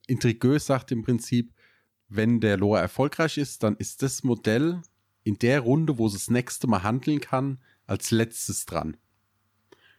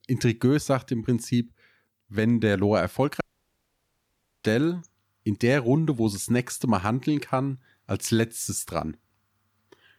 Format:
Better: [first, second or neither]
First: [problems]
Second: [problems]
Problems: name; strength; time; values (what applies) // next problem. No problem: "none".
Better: first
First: none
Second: audio cutting out; at 3 s for 1 s